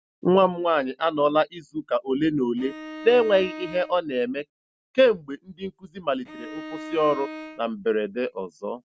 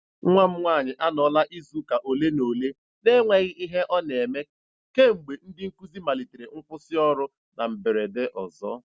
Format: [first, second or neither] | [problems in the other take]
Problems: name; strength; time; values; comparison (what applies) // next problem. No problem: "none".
second | background sound (Bowed string instrument); 13 dB below the speech